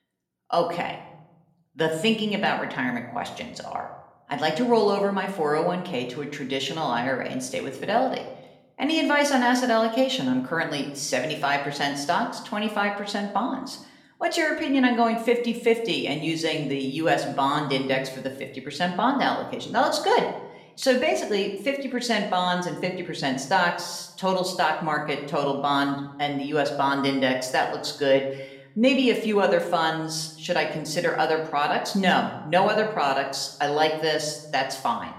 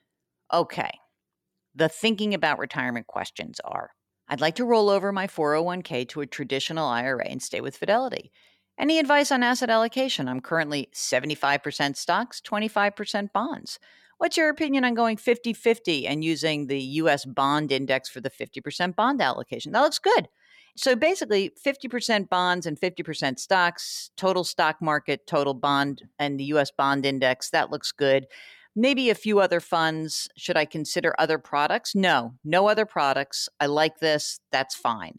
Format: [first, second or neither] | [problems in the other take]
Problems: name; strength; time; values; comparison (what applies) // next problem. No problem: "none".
second | room echo; slight; dies away in 0.7 s // off-mic speech; somewhat distant